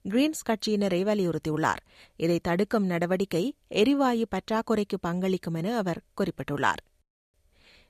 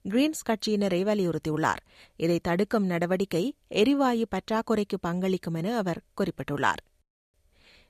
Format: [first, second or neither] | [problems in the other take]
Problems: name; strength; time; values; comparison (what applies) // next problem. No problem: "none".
neither | none